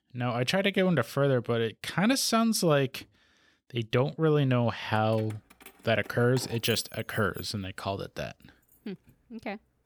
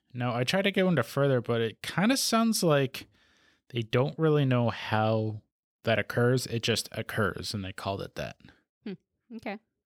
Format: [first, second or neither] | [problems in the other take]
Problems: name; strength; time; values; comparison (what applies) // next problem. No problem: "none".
second | jangling keys; faint; from 5 to 9 s; peak 10 dB below the speech